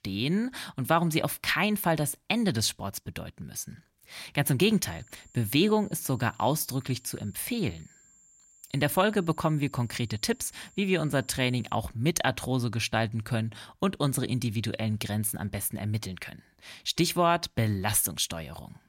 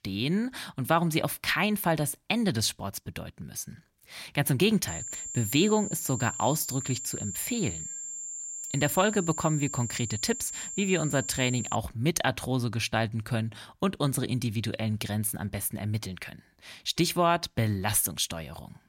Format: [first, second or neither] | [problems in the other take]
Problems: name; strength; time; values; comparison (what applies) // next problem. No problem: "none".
first | high-pitched whine; loud; from 5 to 12 s; 7.5 kHz, 7 dB below the speech; faint in the first